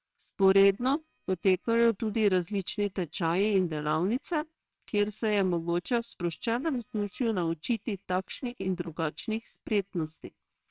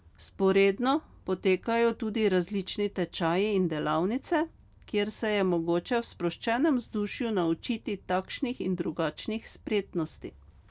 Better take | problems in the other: second | noise reduction (neural separator model SepFormer WHAMR!)

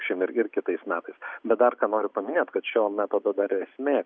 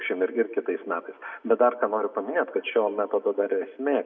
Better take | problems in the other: first | room echo; dies away in 0.8 s

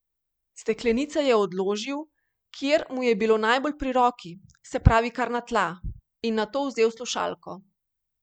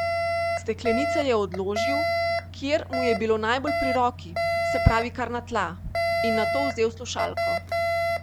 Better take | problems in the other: first | background sound (Alarm); as loud as the speech

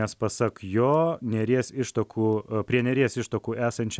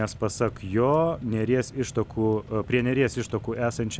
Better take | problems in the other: first | background sound (Mechanisms + Engine / Car); 17 dB below the speech

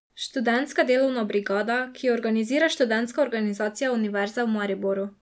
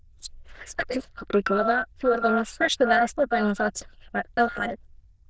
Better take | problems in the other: first | noise reduction (neural diffusion model UNIVERSE++)

